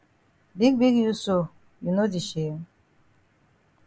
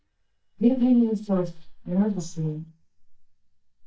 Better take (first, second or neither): first